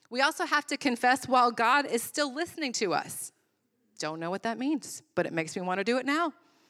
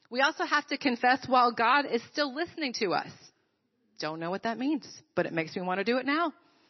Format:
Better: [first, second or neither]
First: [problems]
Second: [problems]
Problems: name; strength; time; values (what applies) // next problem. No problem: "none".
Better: first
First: none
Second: garbled, watery; slightly; nothing above 6 kHz